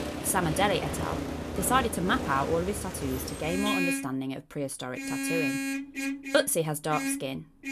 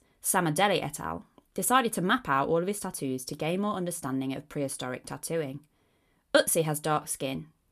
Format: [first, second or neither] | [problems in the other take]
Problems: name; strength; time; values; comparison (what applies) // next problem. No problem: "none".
second | traffic noise; loud; throughout; 3 dB below the speech